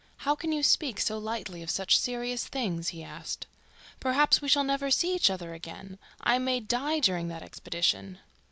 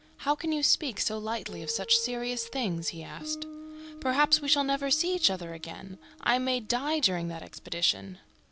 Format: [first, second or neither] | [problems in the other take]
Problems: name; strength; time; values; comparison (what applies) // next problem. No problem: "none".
first | background sound (Guitar); 17 dB below the speech